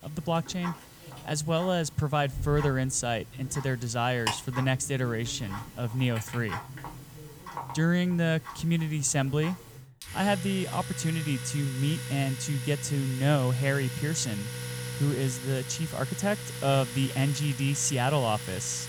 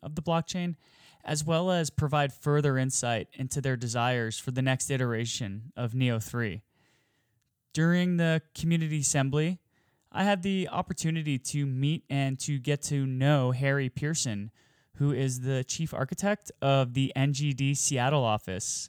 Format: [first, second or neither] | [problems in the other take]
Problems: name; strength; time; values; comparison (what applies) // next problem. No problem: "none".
second | household noises; loud; throughout; 9 dB below the speech